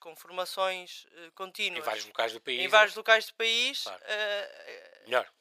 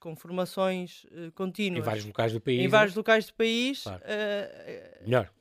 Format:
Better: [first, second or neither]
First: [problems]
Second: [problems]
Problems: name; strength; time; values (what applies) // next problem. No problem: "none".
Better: second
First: thin; very; fading below 800 Hz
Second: none